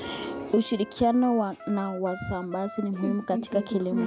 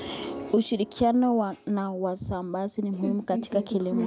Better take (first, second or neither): second